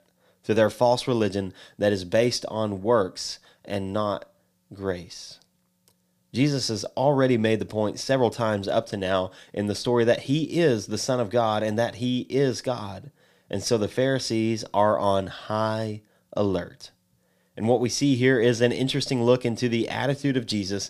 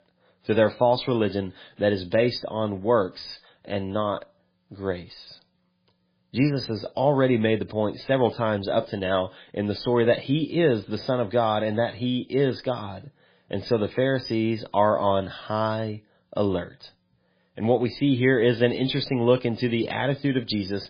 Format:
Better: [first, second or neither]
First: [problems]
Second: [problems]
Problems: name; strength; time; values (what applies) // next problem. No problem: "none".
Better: first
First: none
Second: garbled, watery; badly; nothing above 5 kHz